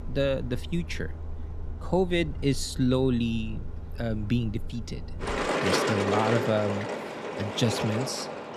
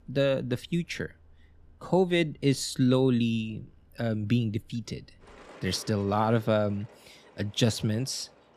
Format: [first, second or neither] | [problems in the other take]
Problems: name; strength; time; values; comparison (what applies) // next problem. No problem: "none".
second | traffic noise; loud; throughout; 4 dB below the speech; faint in the second